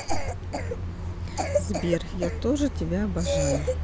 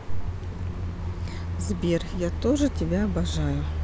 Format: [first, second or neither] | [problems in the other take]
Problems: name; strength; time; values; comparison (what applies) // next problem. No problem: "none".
second | background sound (Cough); 4 dB below the speech